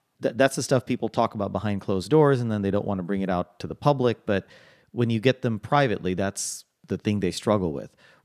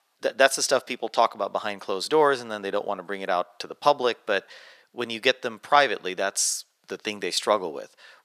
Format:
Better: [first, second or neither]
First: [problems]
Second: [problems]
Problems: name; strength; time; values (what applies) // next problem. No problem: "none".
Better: first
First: none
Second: thin; very; fading below 650 Hz